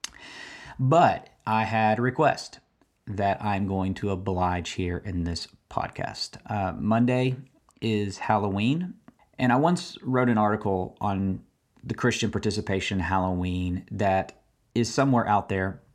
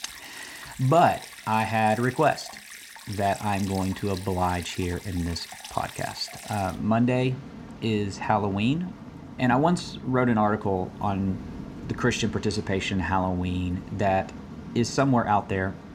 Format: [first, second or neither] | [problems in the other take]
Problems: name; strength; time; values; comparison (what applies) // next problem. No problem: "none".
first | rain or running water; noticeable; throughout; 15 dB below the speech